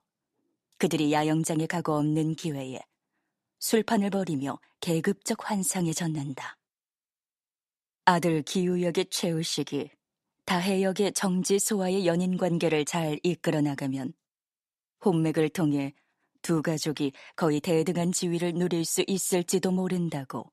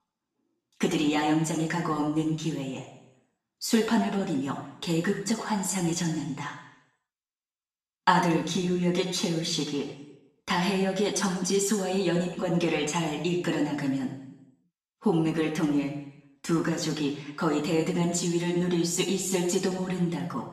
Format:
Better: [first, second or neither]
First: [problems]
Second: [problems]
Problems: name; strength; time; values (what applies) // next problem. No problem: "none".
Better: first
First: none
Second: room echo; noticeable; dies away in 0.8 s // off-mic speech; far